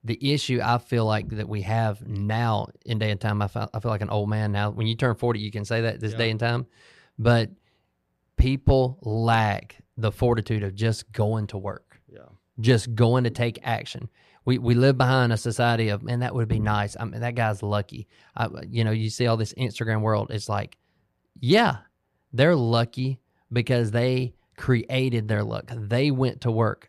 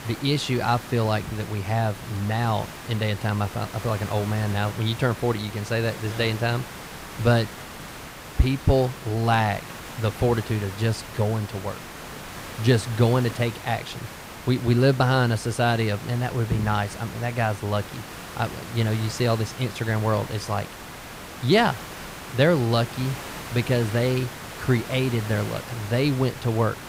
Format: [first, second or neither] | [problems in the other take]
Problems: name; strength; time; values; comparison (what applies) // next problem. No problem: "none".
first | hiss; noticeable; throughout; 10 dB below the speech